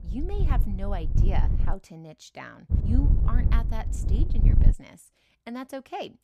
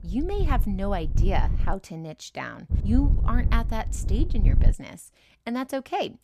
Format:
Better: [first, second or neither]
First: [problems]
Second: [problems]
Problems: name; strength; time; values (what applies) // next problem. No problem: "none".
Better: second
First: wind noise on the microphone; heavy; until 1.5 s and from 2.5 to 4.5 s; 3 dB below the speech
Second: wind noise on the microphone; occasional gusts; until 1.5 s and from 2.5 to 4.5 s; 10 dB below the speech